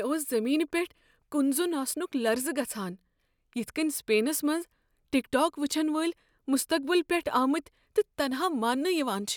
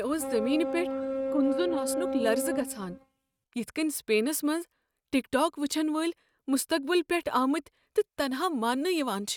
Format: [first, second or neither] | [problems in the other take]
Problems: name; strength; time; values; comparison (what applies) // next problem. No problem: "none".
first | noise reduction (neural mask model RNNoise)